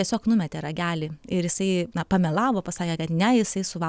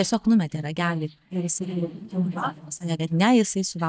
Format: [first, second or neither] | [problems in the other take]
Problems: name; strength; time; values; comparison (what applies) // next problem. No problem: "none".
first | noise reduction (neural mask model DeepFilterNet 3)